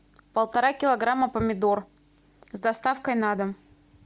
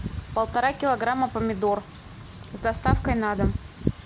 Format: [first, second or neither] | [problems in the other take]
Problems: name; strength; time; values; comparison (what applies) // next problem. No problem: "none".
first | background sound (Wind / Rain); 4 dB below the speech